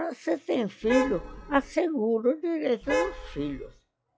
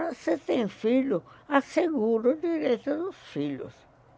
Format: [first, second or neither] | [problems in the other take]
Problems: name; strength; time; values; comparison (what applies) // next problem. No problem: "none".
second | noise reduction (classical method log-MMSE)